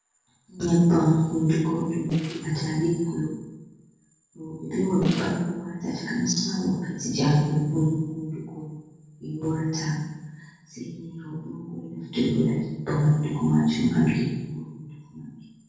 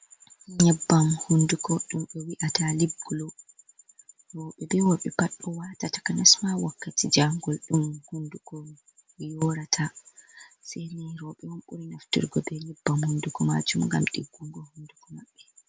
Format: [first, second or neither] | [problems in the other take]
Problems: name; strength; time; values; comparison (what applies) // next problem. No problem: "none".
second | noise reduction (neural separator model SepFormer DNS4)